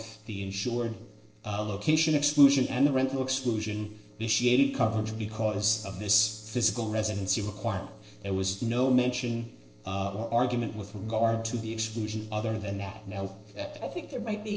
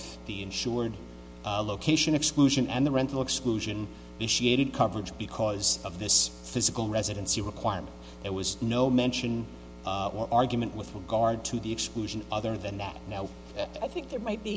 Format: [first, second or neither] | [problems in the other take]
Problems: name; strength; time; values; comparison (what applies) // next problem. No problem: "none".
second | noise reduction (neural separator model SepFormer DNS4)